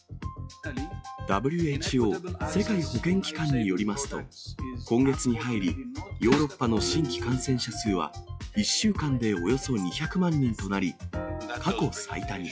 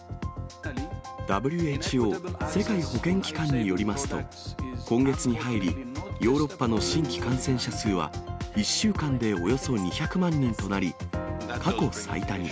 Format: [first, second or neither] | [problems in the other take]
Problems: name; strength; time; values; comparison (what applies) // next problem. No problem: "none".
second | noise reduction (classical method log-MMSE)